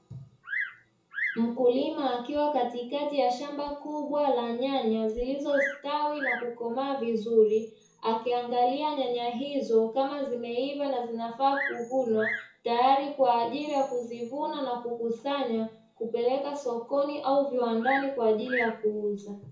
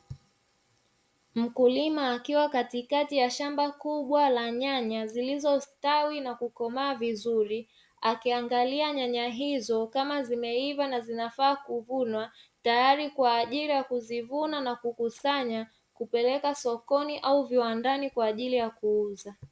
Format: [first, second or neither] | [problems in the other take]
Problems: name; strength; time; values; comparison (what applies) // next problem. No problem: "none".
second | background sound (Bird vocalization, bird call, bird song); 13 dB below the speech // room echo; dies away in 0.6 s